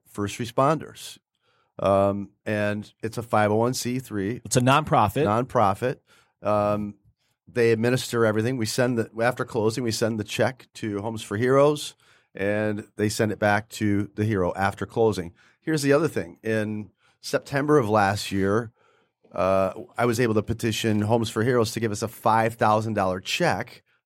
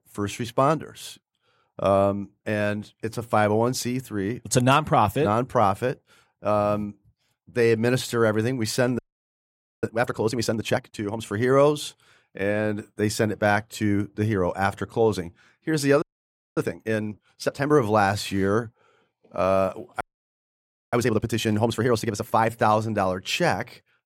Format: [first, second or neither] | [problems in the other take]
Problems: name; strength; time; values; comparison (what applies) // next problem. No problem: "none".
first | audio freezing; at 9 s for 1 s, at 16 s for 0.5 s and at 20 s for 1 s